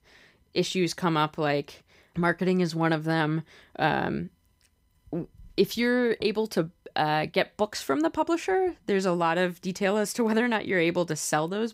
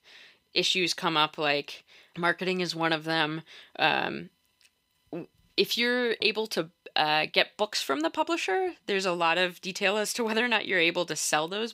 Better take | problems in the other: first | thin; very slightly; fading below 950 Hz

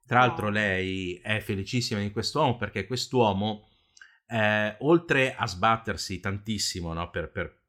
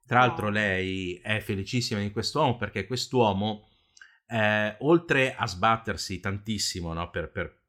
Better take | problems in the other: neither | none

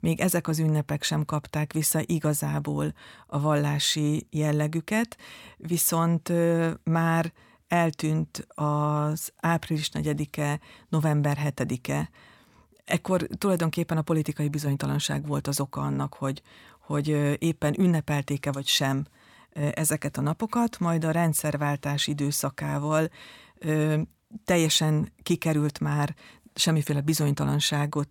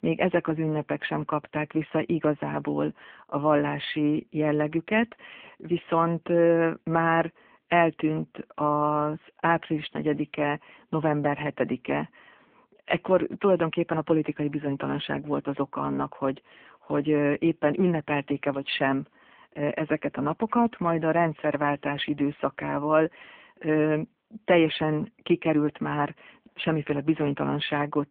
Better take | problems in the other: first | phone-call audio; poor line

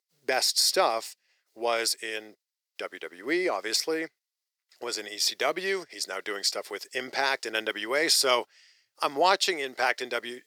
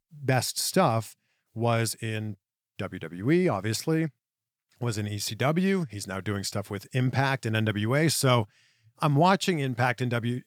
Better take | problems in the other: second | thin; very; fading below 400 Hz

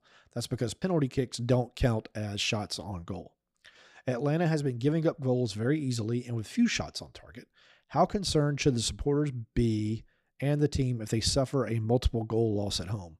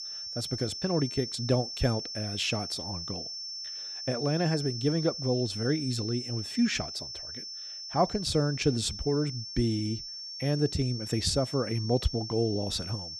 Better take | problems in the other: first | high-pitched whine; loud; throughout; 5.5 kHz, 6 dB below the speech

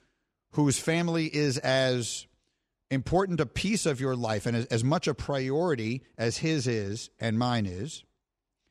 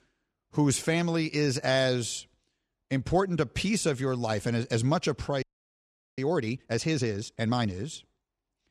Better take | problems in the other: first | audio freezing; at 5.5 s for 1 s

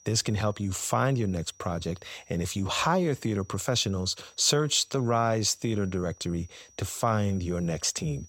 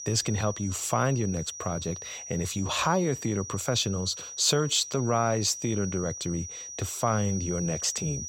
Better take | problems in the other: first | high-pitched whine; loud; throughout; 6 kHz, 9 dB below the speech; faint in the first

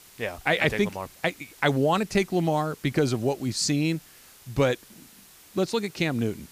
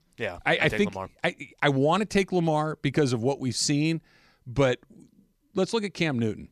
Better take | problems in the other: second | hiss; faint; throughout; 25 dB below the speech

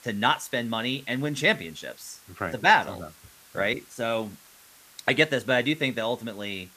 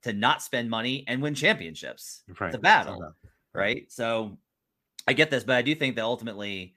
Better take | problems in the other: second | hiss; faint; throughout; 25 dB below the speech

